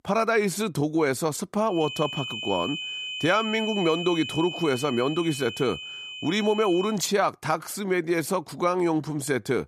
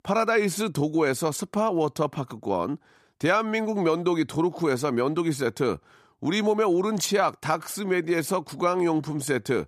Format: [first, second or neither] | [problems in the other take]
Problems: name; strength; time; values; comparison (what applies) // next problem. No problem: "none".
second | high-pitched whine; loud; from 2 to 7 s; 3 kHz, 7 dB below the speech